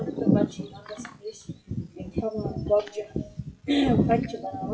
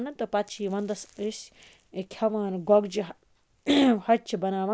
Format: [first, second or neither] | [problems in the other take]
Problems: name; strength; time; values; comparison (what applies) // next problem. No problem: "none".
second | noise reduction (classical method WPE with log-MMSE)